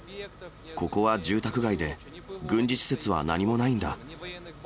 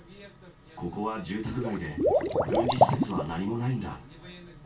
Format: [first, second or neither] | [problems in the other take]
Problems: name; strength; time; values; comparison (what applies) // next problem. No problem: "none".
first | background sound (Liquid); 5 dB above the speech // room echo; dies away in 0.2 s